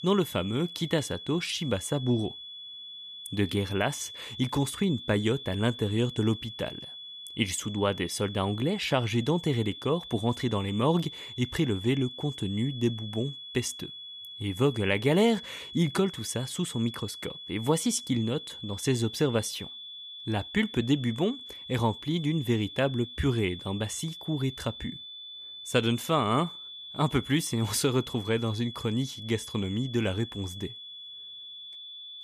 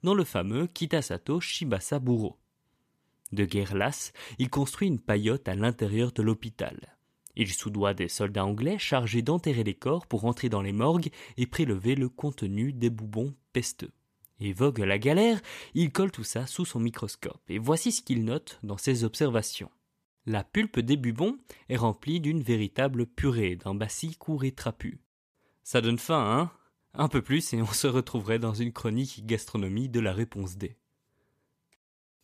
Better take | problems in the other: second | high-pitched whine; noticeable; throughout; 3.5 kHz, 10 dB below the speech

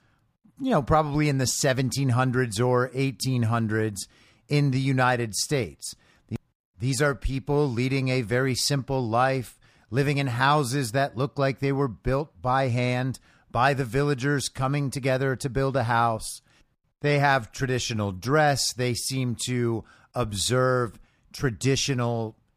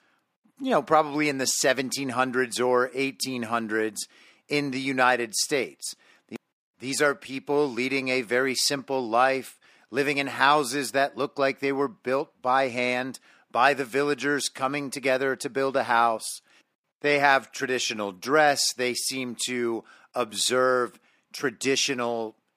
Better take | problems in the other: first | thin; somewhat; fading below 250 Hz

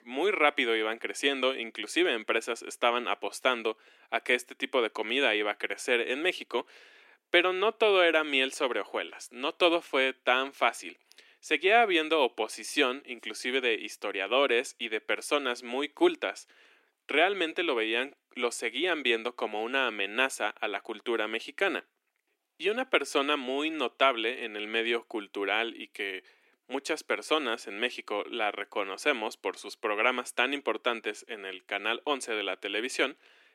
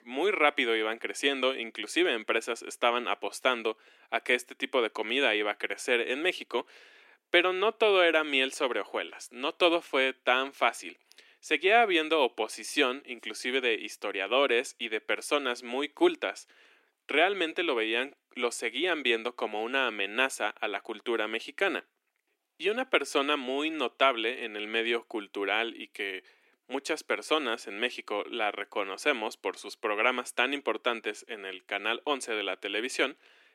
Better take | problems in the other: neither | thin; somewhat; fading below 300 Hz; the same in both

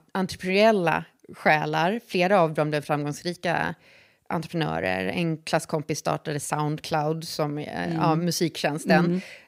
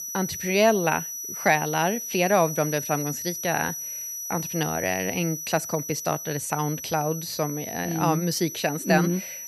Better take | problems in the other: first | high-pitched whine; loud; throughout; 6 kHz, 6 dB below the speech

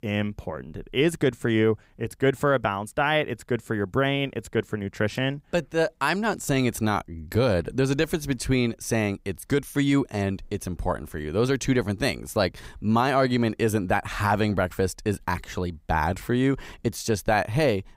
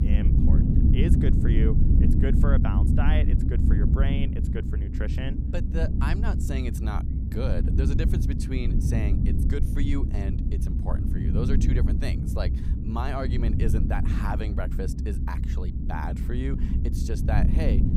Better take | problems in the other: first | low rumble; loud; throughout; 1 dB below the speech

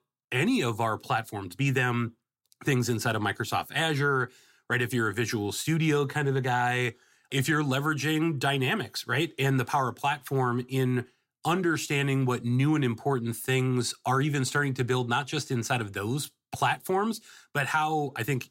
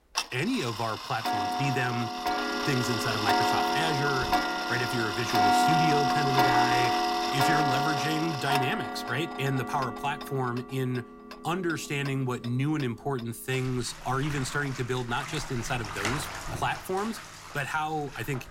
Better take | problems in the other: first | household noises; very loud; throughout; 3 dB above the speech

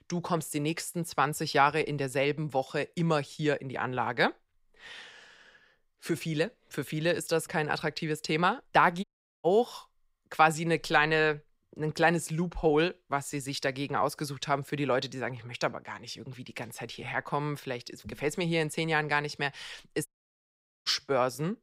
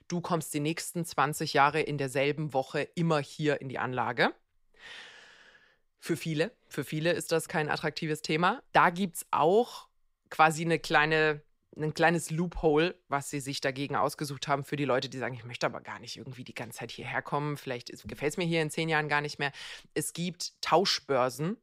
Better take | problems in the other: second | audio cutting out; at 9 s and at 20 s for 1 s

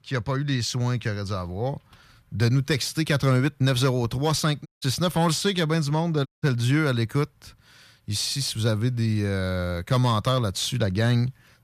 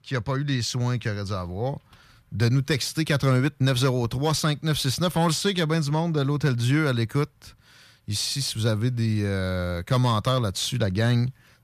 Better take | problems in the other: second | audio cutting out; at 4.5 s and at 6.5 s

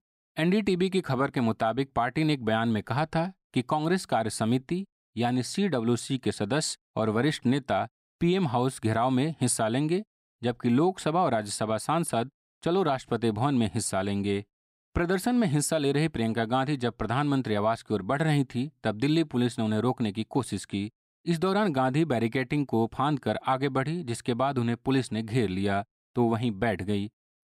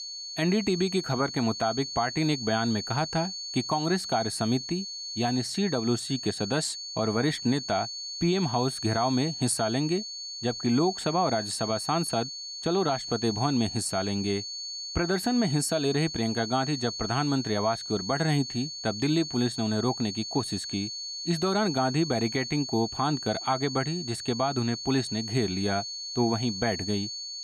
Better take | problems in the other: first | high-pitched whine; loud; throughout; 4.5 kHz, 6 dB below the speech

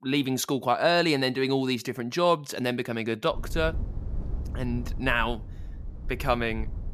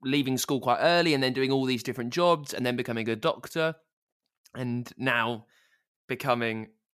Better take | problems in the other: second | low rumble; faint; from 3.5 s on; 25 dB below the speech

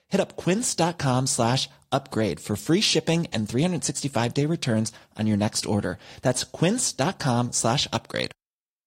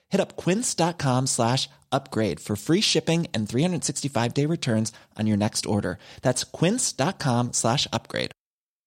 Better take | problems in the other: second | garbled, watery; slightly; nothing above 16 kHz

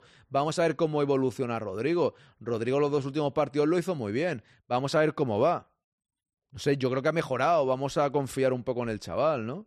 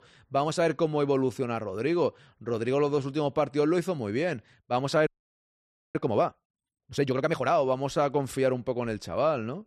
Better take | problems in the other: first | audio freezing; at 5 s for 1 s

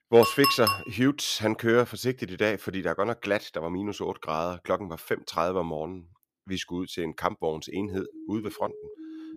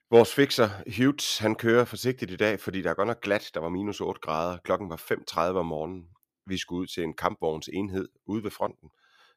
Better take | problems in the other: second | clattering dishes; loud; at the start; peak 4 dB above the speech // siren; faint; from 7.5 s on; peak 15 dB below the speech

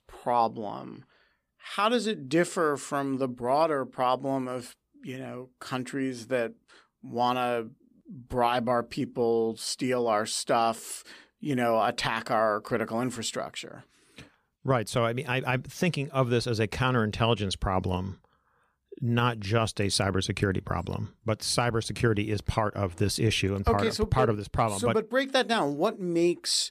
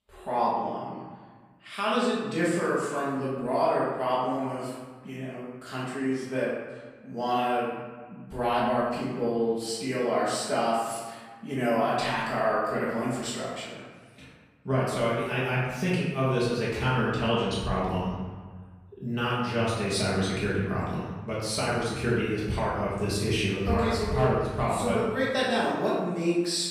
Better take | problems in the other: first | off-mic speech; far // room echo; strong; dies away in 1.2 s

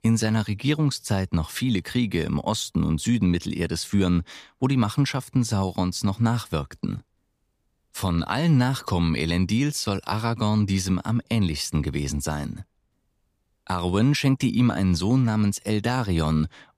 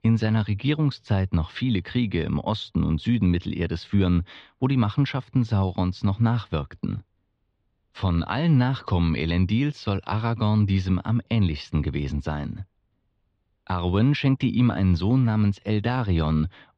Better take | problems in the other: first | muffled; slightly; fading above 3.5 kHz

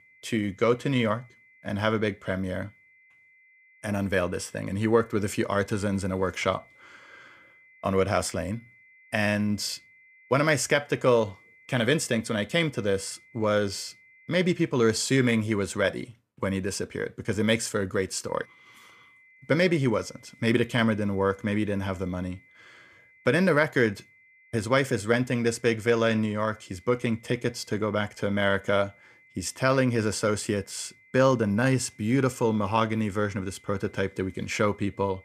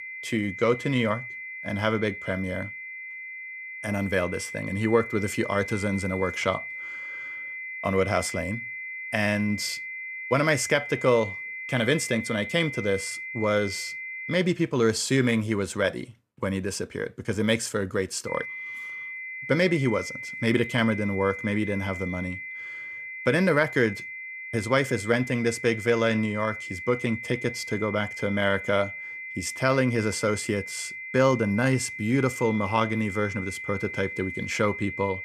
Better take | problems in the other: first | high-pitched whine; loud; until 14 s and from 18 s on; 2 kHz, 8 dB below the speech; faint in the first

